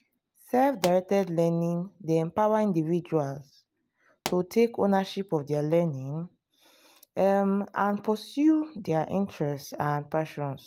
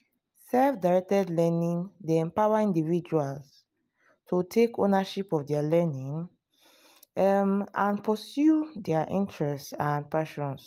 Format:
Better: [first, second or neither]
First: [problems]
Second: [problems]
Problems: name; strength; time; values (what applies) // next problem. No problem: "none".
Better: second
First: background sound (Explosion); 15 dB below the speech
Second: none